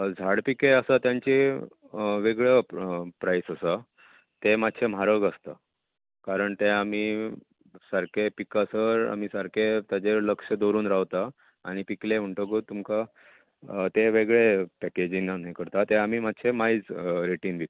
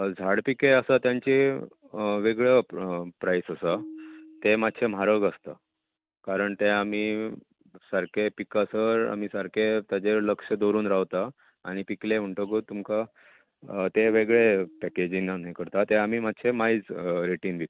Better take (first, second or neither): first